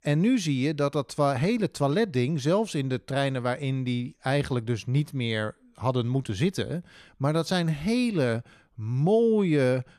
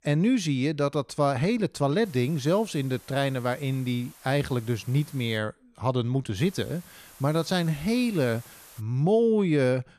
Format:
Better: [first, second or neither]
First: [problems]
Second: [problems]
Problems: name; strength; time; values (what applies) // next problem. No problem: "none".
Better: first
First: none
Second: hiss; faint; from 2 to 5.5 s and from 6.5 to 9 s; 25 dB below the speech